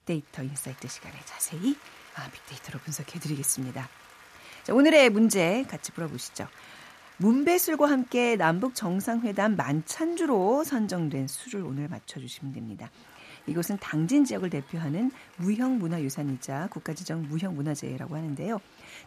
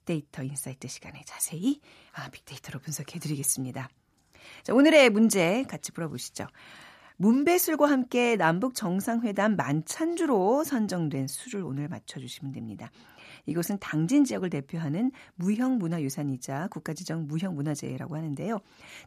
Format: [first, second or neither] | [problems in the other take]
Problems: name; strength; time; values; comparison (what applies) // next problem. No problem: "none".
second | crowd noise; faint; throughout; 25 dB below the speech